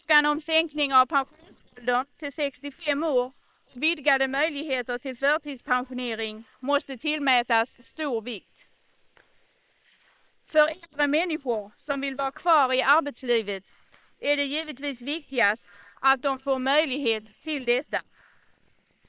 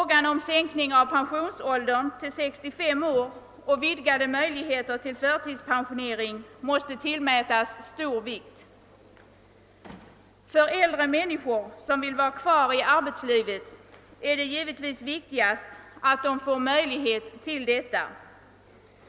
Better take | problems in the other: second | noise reduction (neural separator model SepFormer WHAM!)

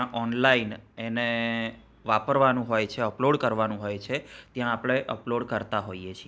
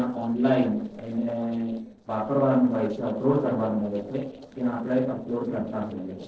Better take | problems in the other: first | noise reduction (neural separator model SepFormer DNS4)

